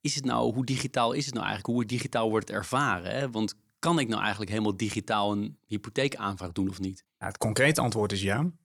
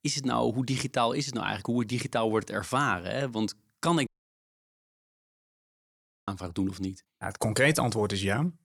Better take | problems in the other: first | audio cutting out; at 4 s for 2 s

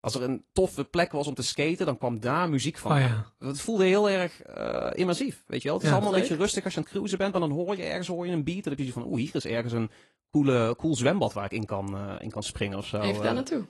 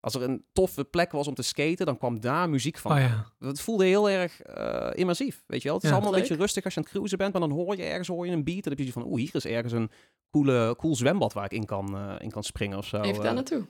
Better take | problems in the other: second | garbled, watery; slightly; nothing above 11 kHz

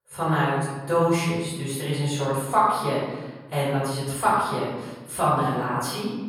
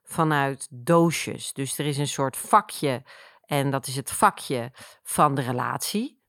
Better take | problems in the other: second | off-mic speech; far // room echo; noticeable; dies away in 1.2 s

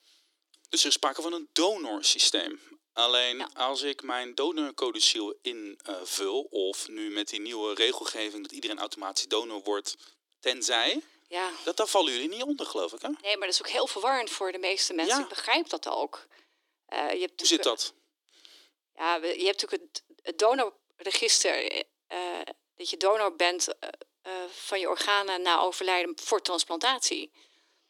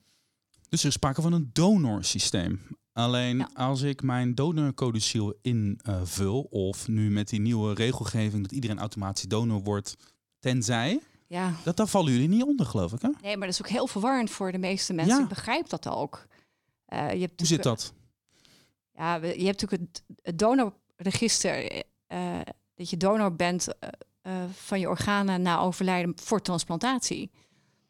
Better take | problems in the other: second | thin; very; fading below 300 Hz

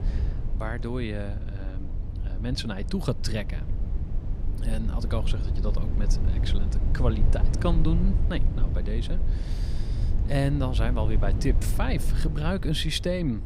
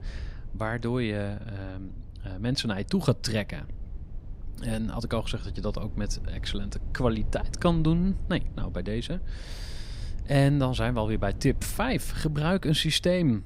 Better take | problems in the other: second | low rumble; loud; throughout; 10 dB below the speech; faint in the second

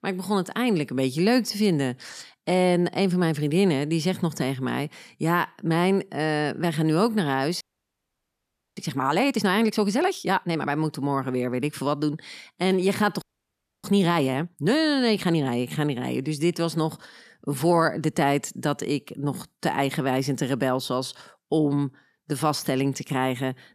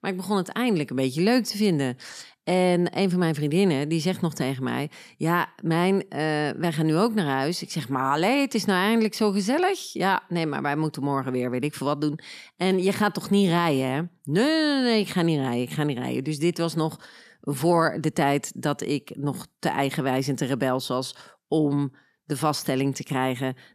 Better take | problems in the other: second | audio freezing; at 7.5 s for 1 s and at 13 s for 0.5 s

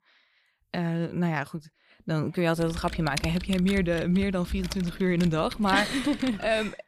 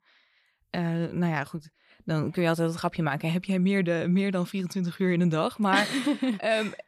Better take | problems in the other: second | keyboard typing; noticeable; from 2.5 s on; peak 6 dB below the speech

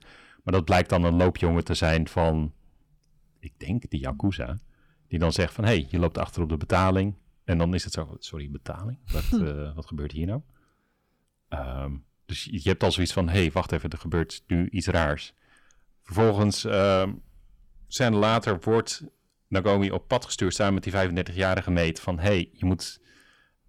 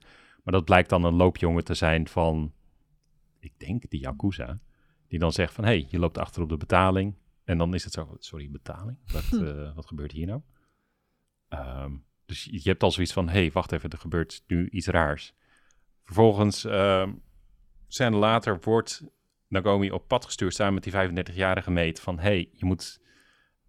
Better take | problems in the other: second | distortion; slight; 10 dB below the speech

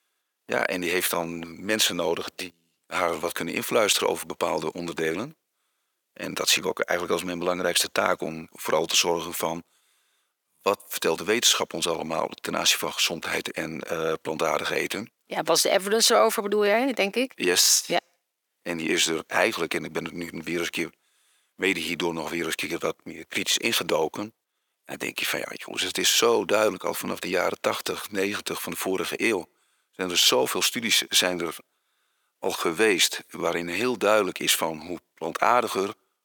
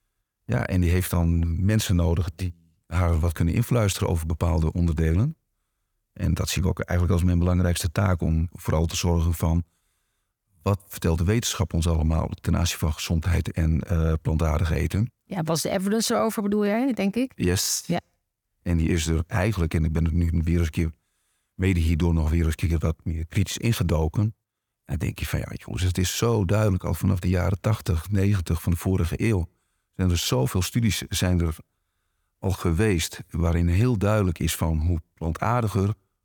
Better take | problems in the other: second | thin; very; fading below 350 Hz

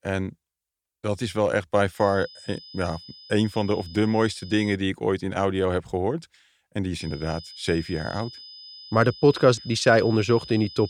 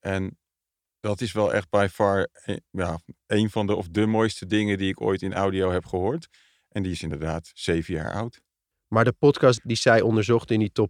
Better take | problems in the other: second | high-pitched whine; noticeable; from 2 to 5 s and from 7 s on; 5 kHz, 15 dB below the speech

